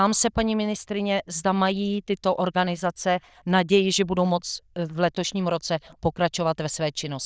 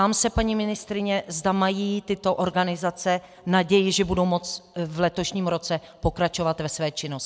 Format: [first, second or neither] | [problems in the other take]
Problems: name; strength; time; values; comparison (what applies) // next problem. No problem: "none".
second | noise reduction (neural diffusion model UNIVERSE++)